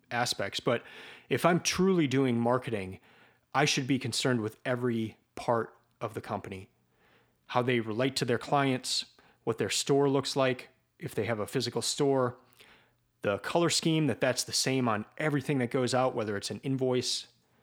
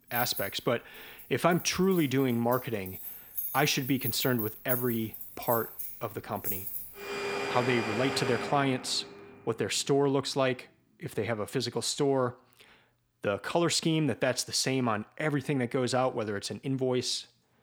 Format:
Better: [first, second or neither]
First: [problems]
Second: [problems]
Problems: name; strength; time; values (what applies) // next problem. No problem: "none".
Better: first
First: none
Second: household noises; loud; until 8.5 s; 6 dB below the speech